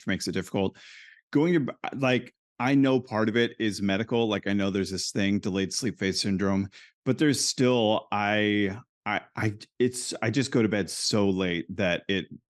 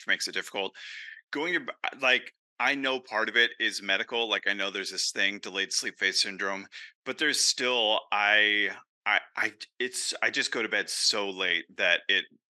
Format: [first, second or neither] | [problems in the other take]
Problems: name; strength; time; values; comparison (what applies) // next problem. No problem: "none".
first | thin; very; fading below 600 Hz